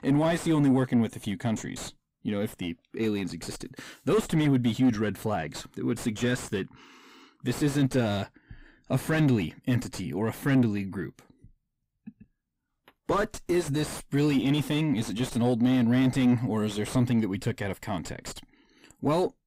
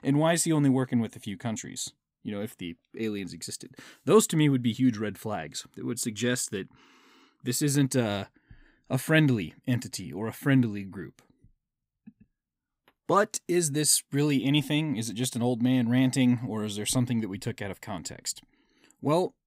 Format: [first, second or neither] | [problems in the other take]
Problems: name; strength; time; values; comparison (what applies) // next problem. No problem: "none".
second | distortion; heavy; 6 dB below the speech